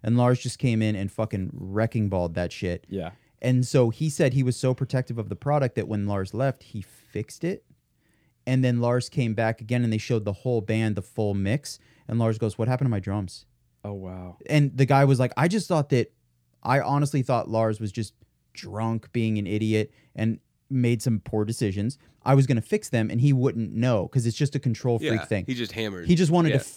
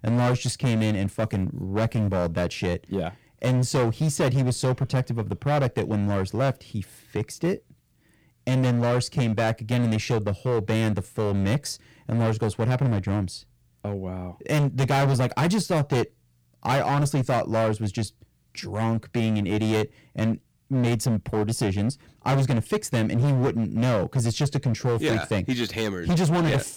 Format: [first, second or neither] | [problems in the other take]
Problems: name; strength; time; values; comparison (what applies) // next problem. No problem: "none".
first | distortion; heavy; 16% of the sound clipped